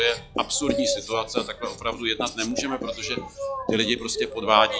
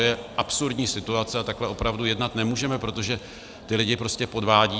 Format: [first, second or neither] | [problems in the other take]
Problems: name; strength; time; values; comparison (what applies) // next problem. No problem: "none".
second | noise reduction (classical method log-MMSE)